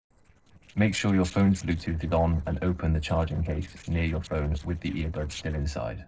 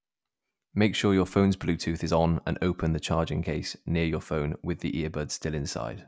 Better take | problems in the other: second | noise reduction (neural separator model SepFormer DNS4)

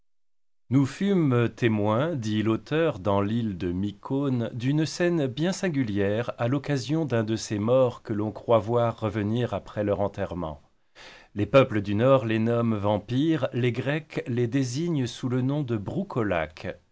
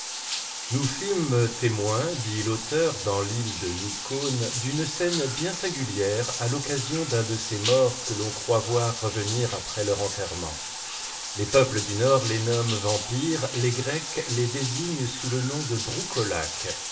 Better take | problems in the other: first | background sound (Bathtub (filling or washing)); 6 dB below the speech // room echo; dies away in 0.8 s

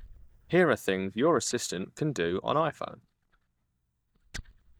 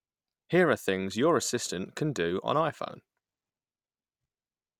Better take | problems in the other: second | noise reduction (neural mask model DeepFilterNet 3)

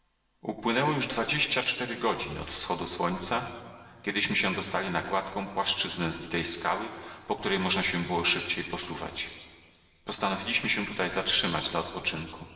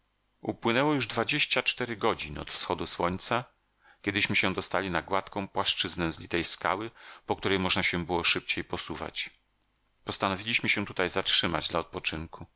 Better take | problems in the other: second | room echo; dies away in 2.1 s

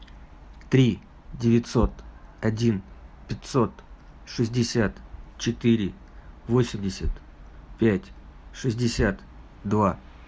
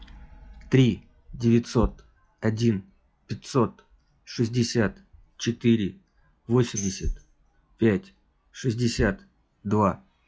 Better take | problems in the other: first | noise reduction (classical method log-MMSE)

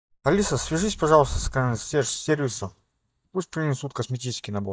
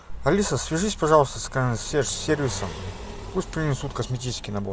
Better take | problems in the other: second | noise reduction (neural mask model DeepFilterNet 3)

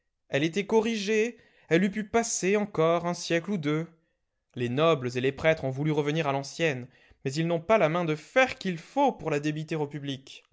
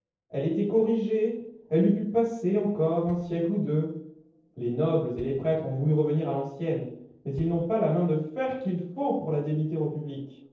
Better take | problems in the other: first | noise reduction (neural separator model SepFormer DNS4)

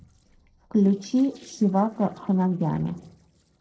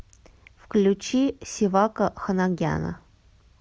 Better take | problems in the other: second | noise reduction (neural separator model SepFormer DNS4)

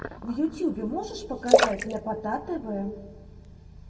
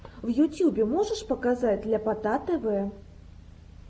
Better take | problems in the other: second | background sound (Splash, splatter); 5 dB above the speech // room echo; dies away in 1.5 s

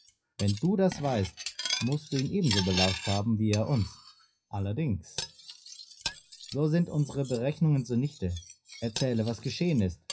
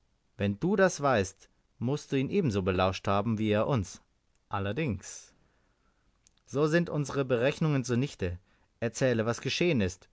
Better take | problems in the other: second | noise reduction (classical method WPE with log-MMSE)

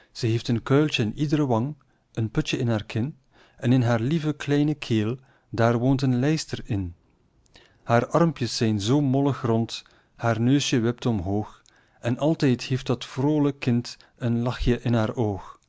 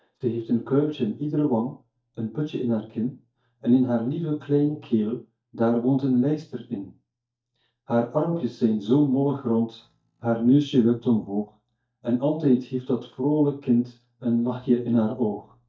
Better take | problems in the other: first | noise reduction (neural mask model DeepFilterNet 3)

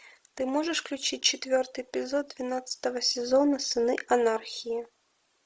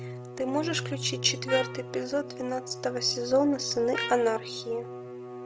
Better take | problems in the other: first | background sound (Bowed string instrument + Trumpet); 8 dB below the speech

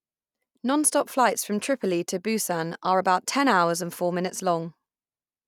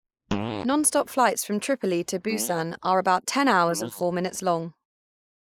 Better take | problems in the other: first | noise reduction (neural mask model Resemble Enhance denoiser)

